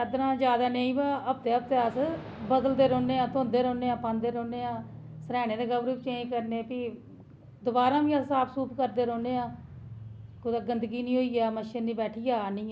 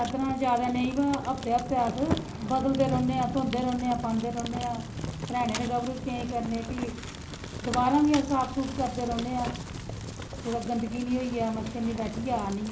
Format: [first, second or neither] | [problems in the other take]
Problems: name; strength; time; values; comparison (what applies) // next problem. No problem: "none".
first | background sound (Fire); 9 dB below the speech // room echo; dies away in 0.4 s